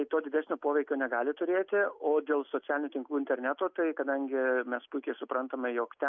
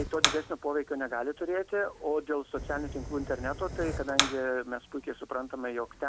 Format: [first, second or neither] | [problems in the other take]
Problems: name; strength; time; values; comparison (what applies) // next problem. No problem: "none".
first | background sound (Fire); 4 dB below the speech